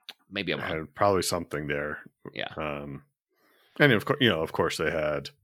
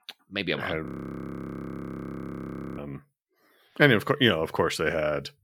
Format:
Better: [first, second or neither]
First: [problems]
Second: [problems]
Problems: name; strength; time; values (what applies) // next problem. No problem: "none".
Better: first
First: none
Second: audio freezing; at 1 s for 2 s